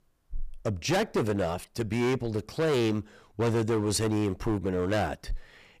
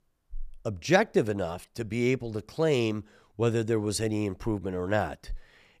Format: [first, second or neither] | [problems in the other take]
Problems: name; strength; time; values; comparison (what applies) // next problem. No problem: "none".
second | distortion; heavy; 13% of the sound clipped